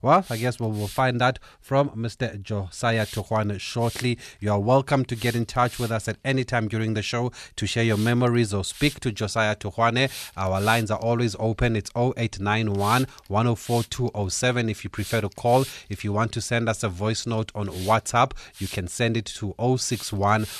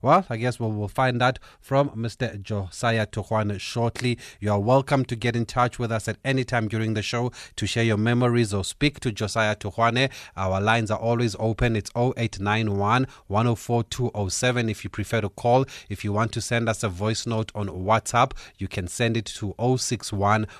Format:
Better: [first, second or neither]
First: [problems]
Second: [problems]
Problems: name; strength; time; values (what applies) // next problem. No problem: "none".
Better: second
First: hiss; noticeable; throughout; 15 dB below the speech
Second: none